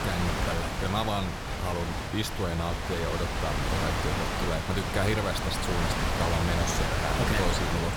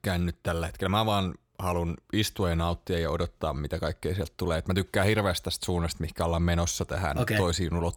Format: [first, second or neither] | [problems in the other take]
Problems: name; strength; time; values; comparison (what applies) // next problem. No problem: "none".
second | wind noise on the microphone; heavy; 3 dB above the speech